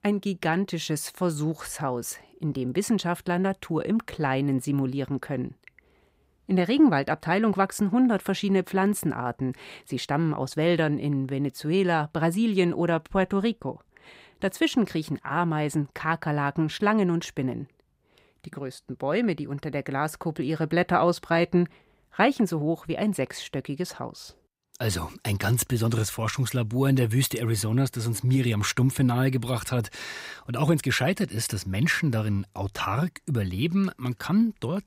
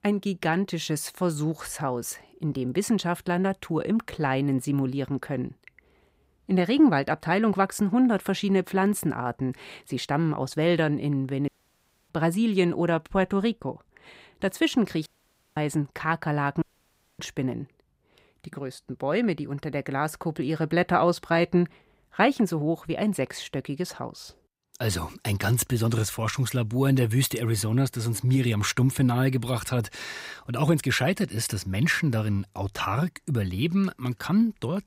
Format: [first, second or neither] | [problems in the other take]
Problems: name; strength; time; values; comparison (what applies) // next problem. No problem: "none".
first | audio cutting out; at 11 s for 0.5 s, at 15 s for 0.5 s and at 17 s for 0.5 s